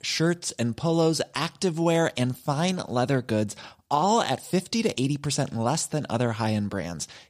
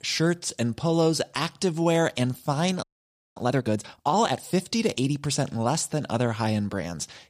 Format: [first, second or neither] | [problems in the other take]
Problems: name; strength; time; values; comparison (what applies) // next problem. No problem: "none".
first | audio freezing; at 3 s for 0.5 s